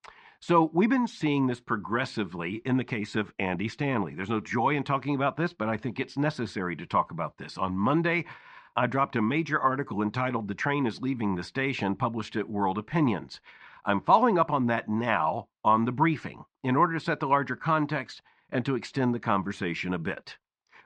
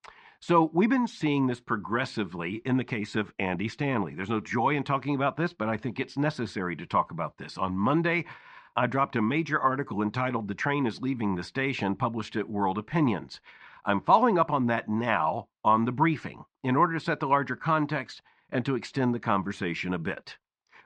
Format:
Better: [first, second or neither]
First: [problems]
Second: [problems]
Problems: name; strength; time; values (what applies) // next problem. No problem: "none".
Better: neither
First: muffled; slightly; fading above 4.5 kHz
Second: muffled; slightly; fading above 4.5 kHz